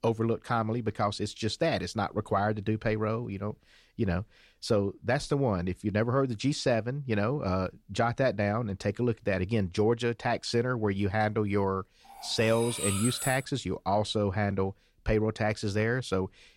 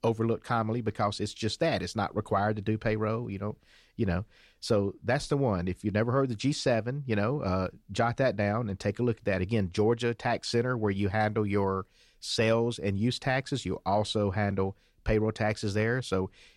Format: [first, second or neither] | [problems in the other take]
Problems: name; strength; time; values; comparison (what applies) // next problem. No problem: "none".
second | clattering dishes; noticeable; from 12 to 13 s; peak 2 dB below the speech